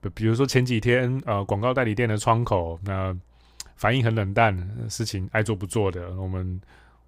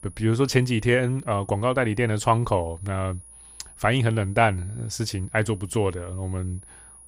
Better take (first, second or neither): first